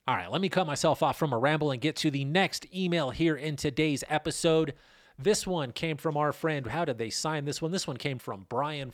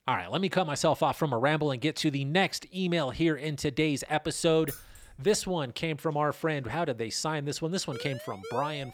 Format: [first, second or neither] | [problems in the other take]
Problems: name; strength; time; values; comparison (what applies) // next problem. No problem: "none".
first | jangling keys; faint; at 4.5 s; peak 10 dB below the speech // siren; faint; from 8 s on; peak 10 dB below the speech